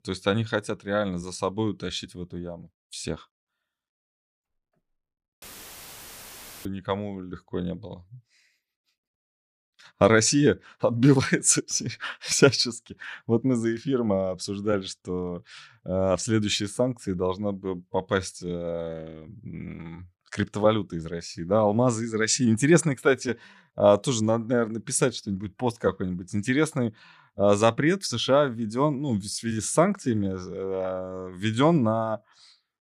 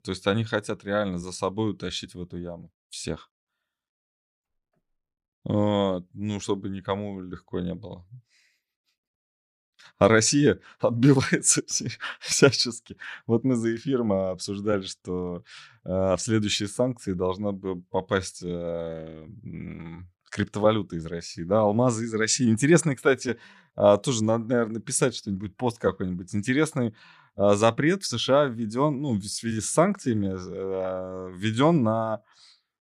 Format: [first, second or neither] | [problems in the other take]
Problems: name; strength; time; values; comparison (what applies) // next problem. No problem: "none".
second | audio cutting out; filled with static; at 5.5 s for 1 s